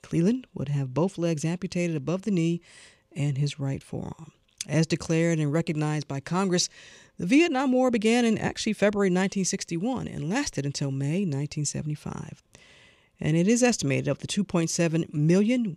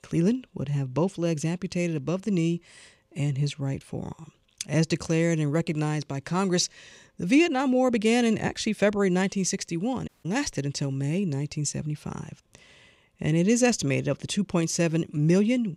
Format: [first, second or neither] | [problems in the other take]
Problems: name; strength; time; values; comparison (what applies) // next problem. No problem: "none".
first | audio cutting out; at 10 s